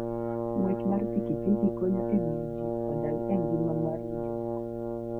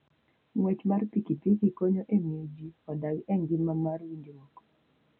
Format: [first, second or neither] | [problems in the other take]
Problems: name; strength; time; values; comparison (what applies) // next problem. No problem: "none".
second | background sound (Brass instrument); as loud as the speech